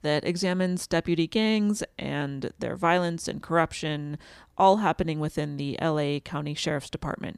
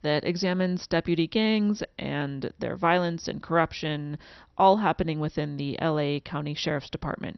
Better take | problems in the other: first | garbled, watery; slightly; nothing above 6 kHz

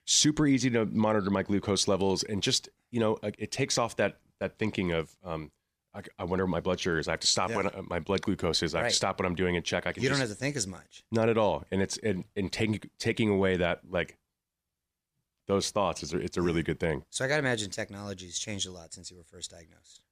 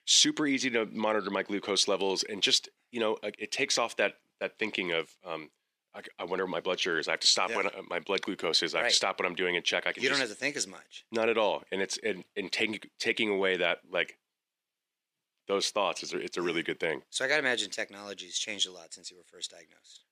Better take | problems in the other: first | thin; somewhat; fading below 350 Hz

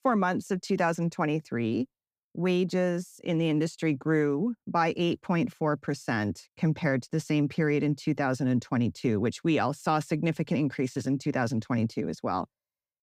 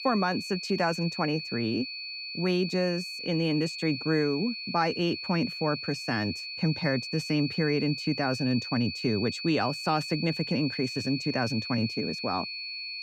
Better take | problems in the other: first | high-pitched whine; loud; throughout; 4.5 kHz, 5 dB below the speech

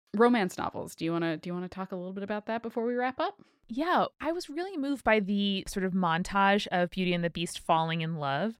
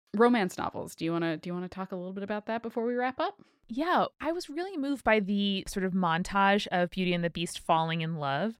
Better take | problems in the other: neither | none

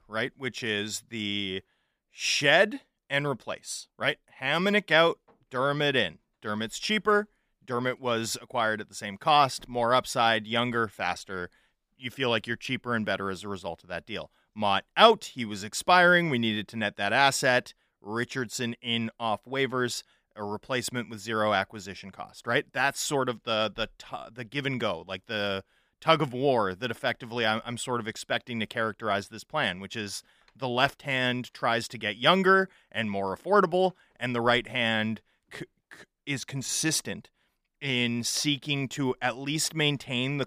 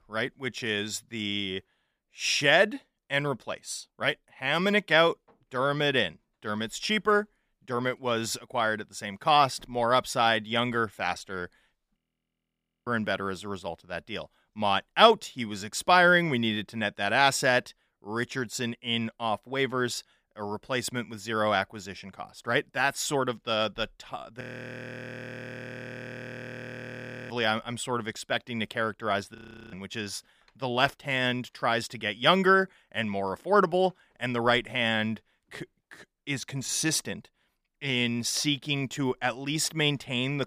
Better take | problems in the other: first | audio freezing; at 12 s for 1 s, at 24 s for 3 s and at 29 s

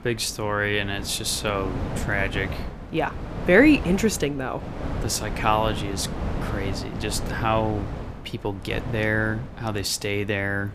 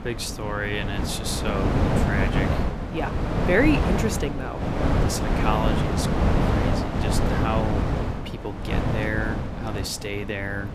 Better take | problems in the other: first | wind noise on the microphone; heavy; as loud as the speech; occasional gusts in the first

